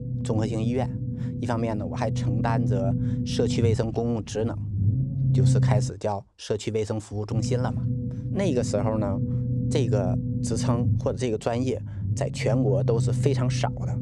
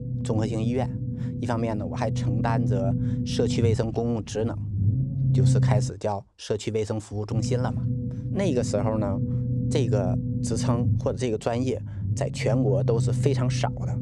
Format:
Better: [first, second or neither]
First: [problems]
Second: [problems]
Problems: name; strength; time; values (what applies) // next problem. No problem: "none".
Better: neither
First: low rumble; loud; until 6 s and from 7.5 s on; 7 dB below the speech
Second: low rumble; loud; until 6 s and from 7.5 s on; 7 dB below the speech